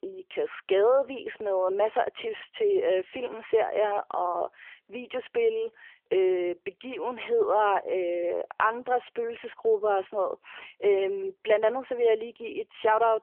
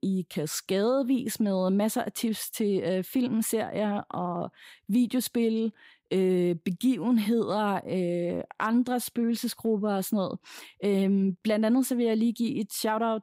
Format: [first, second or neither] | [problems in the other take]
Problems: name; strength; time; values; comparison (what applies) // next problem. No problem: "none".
second | phone-call audio; nothing above 3 kHz